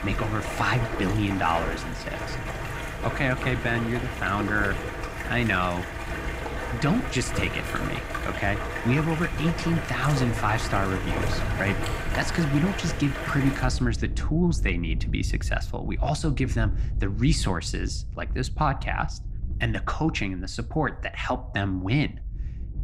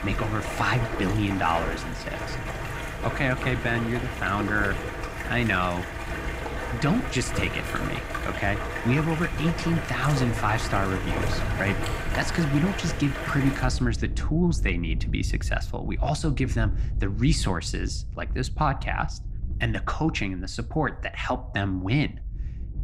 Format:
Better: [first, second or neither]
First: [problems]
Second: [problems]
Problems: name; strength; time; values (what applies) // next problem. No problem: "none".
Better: neither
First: rain or running water; loud; throughout; 4 dB below the speech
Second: rain or running water; loud; throughout; 4 dB below the speech